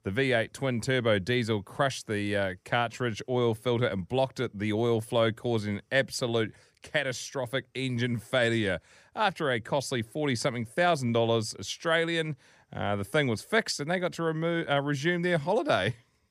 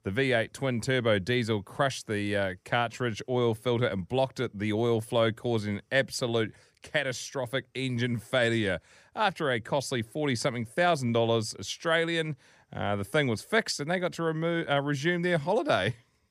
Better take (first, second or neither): neither